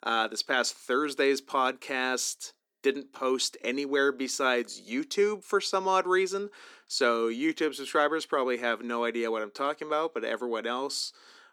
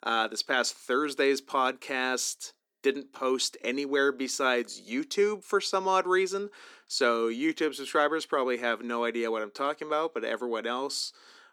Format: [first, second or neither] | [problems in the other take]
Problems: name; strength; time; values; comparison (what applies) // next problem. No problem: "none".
neither | thin; very slightly; fading below 250 Hz; the same in both